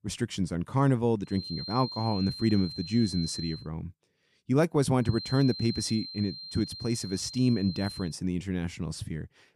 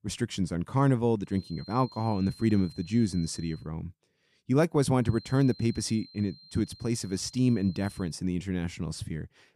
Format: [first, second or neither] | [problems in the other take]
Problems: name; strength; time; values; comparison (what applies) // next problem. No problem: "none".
second | high-pitched whine; loud; from 1.5 to 3.5 s and from 5 to 8 s; 4 kHz, 9 dB below the speech; faint in the second